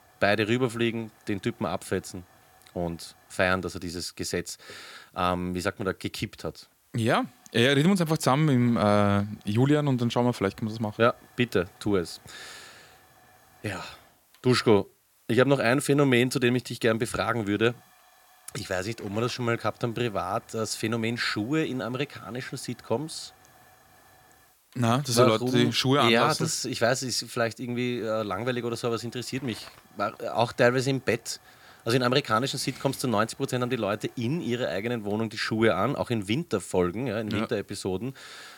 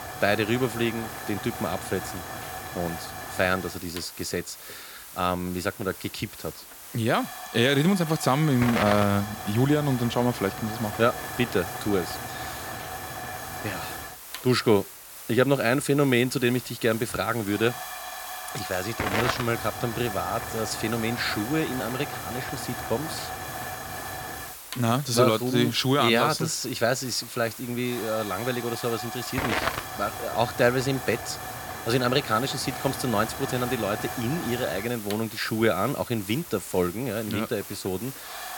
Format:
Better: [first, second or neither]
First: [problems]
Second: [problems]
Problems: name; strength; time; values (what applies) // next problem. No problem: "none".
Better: first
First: hiss; faint; throughout; 30 dB below the speech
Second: hiss; loud; throughout; 8 dB below the speech